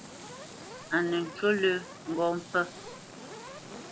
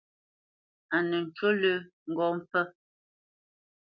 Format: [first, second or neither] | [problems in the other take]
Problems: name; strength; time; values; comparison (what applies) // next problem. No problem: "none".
second | background sound (Frying (food) + Fire); 13 dB below the speech